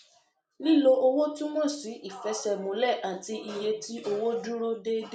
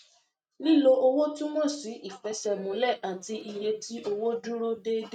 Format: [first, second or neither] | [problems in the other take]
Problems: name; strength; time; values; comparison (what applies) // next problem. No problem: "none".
first | noise reduction (neural mask model RNNoise)